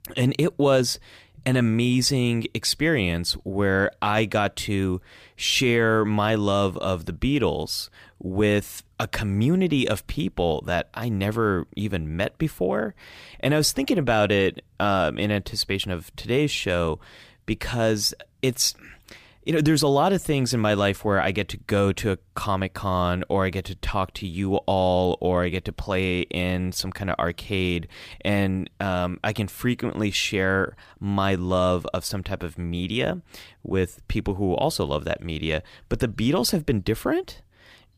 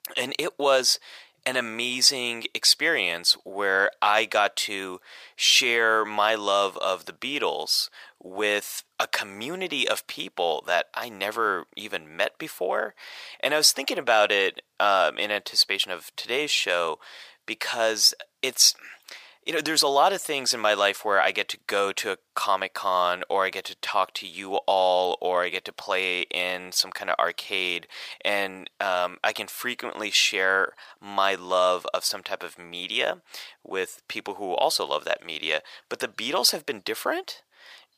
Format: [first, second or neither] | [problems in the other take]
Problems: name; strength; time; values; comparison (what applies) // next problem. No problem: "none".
first | thin; very; fading below 750 Hz